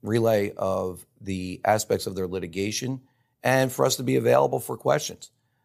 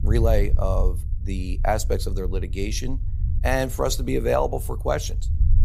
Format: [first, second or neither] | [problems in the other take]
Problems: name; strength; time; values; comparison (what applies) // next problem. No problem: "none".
first | low rumble; noticeable; throughout; 20 dB below the speech